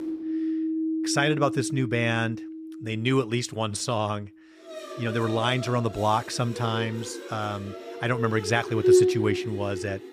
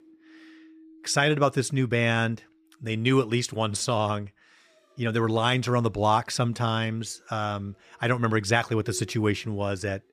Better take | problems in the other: second | background music; loud; throughout; 2 dB below the speech; faint in the second

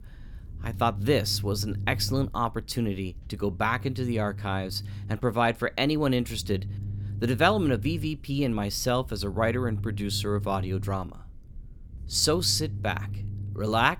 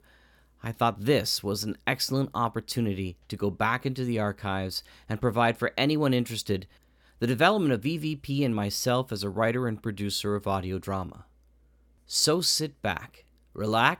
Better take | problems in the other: second | low rumble; faint; throughout; 20 dB below the speech

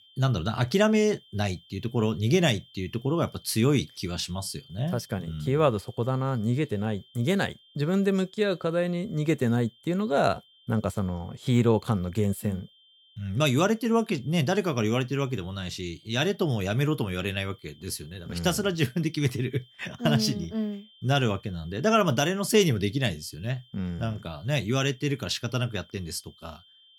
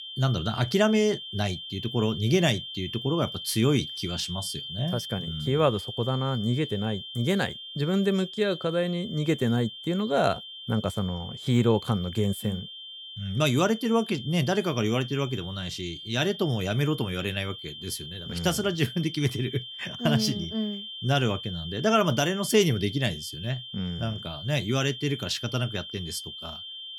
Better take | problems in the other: first | high-pitched whine; loud; throughout; 3 kHz, 10 dB below the speech; faint in the first

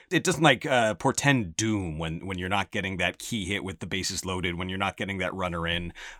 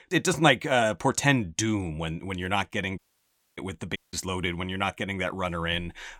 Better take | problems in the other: first | audio cutting out; at 3 s for 0.5 s and at 4 s

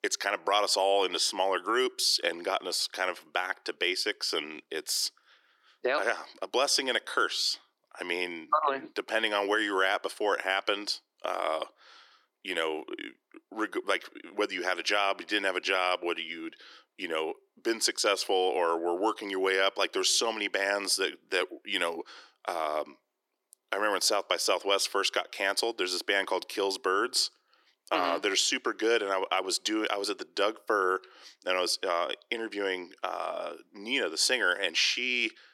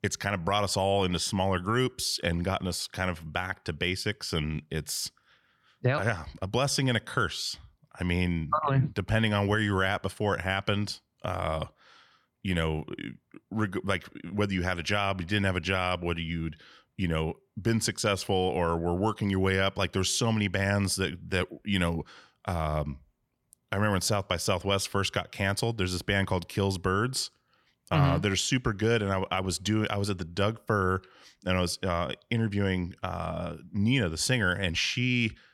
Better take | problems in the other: second | thin; very; fading below 300 Hz

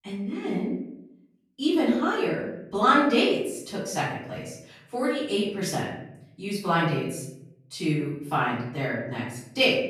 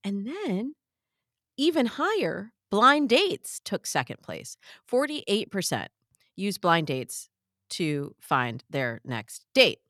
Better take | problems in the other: second | off-mic speech; far // room echo; noticeable; dies away in 0.8 s

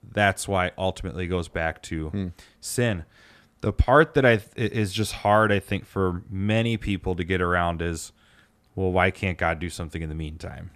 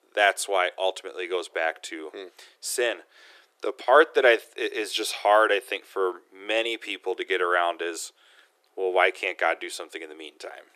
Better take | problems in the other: first | thin; very; fading below 350 Hz

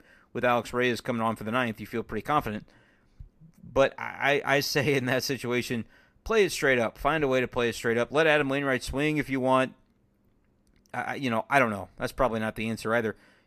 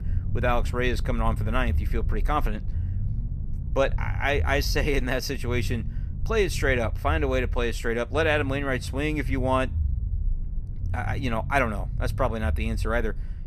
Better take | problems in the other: first | low rumble; noticeable; throughout; 20 dB below the speech

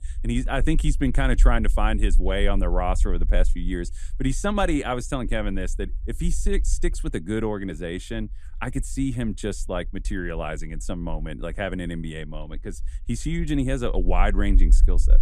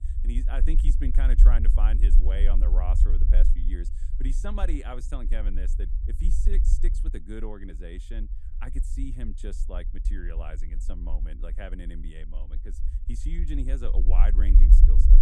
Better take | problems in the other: first | low rumble; loud; throughout; 6 dB below the speech; faint in the first

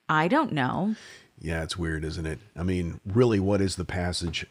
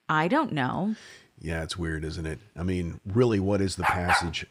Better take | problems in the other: first | dog barking; loud; at 4 s; peak 4 dB above the speech

